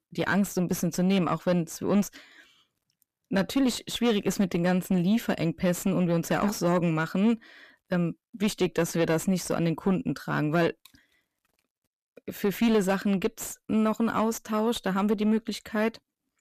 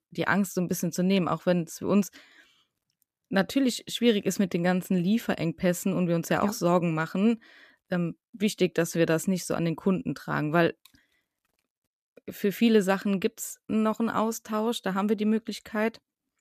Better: second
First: distortion; slight; 10 dB below the speech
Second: none

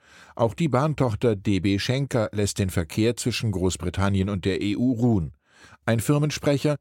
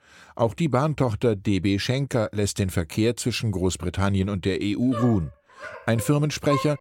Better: first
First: none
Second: dog barking; noticeable; from 5 s on; peak 6 dB below the speech

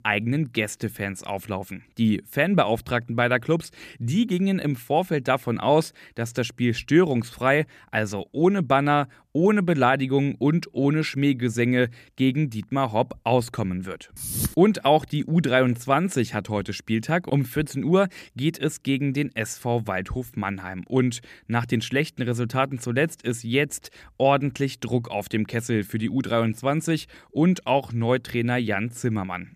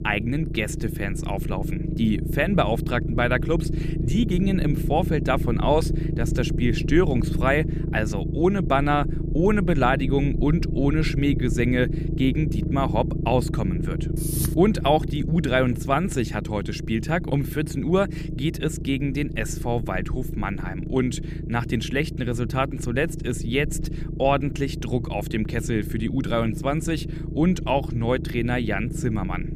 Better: first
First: none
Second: low rumble; noticeable; throughout; 10 dB below the speech

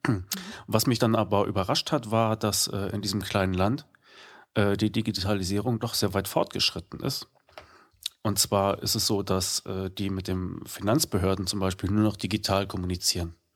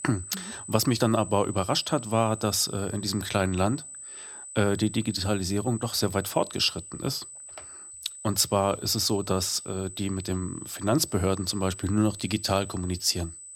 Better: first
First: none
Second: high-pitched whine; noticeable; throughout; 8 kHz, 15 dB below the speech

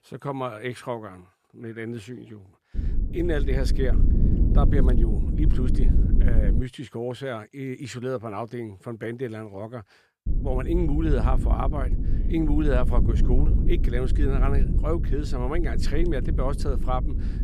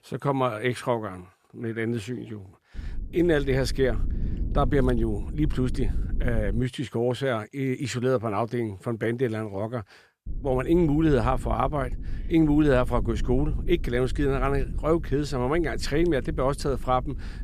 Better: second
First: low rumble; loud; from 3 to 6.5 s and from 10 s on; 7 dB below the speech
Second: low rumble; faint; from 3 to 6.5 s and from 10 s on; 20 dB below the speech

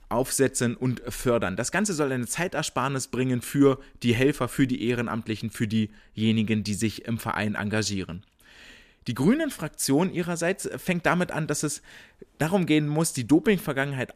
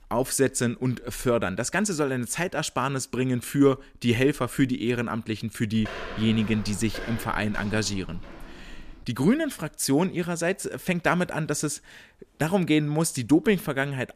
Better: first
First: none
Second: footsteps; noticeable; from 6 to 9 s; peak 9 dB below the speech

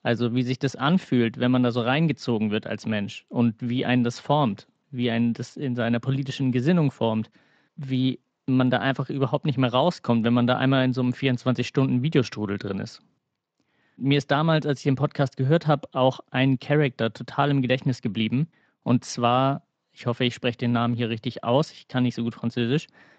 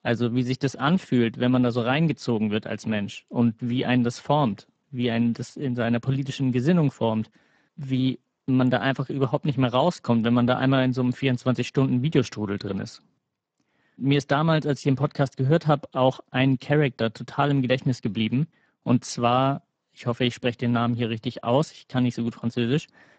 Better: first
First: garbled, watery; slightly; nothing above 7.5 kHz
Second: garbled, watery; badly; nothing above 8 kHz

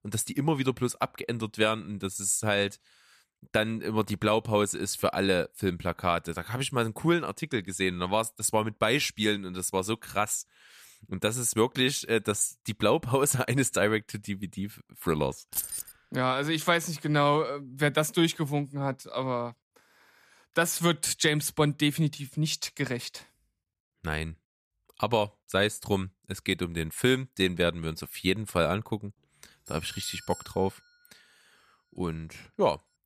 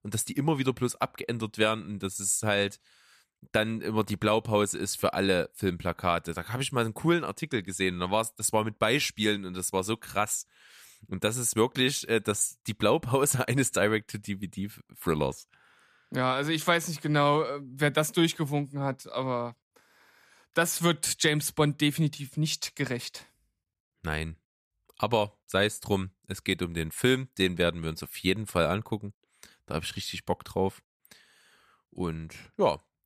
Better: second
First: jangling keys; noticeable; at 16 s; peak 3 dB below the speech // doorbell; faint; at 30 s; peak 10 dB below the speech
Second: none

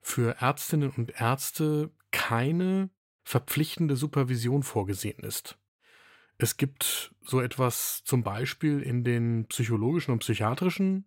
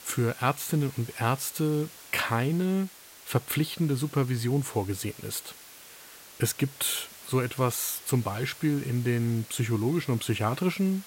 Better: first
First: none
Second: hiss; noticeable; throughout; 15 dB below the speech

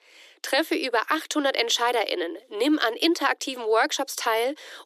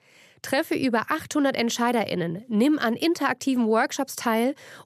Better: second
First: thin; somewhat; fading below 300 Hz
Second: none

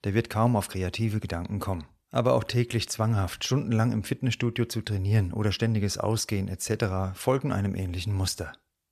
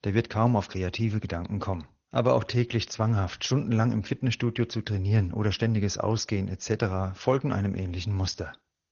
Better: first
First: none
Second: garbled, watery; slightly; nothing above 6.5 kHz

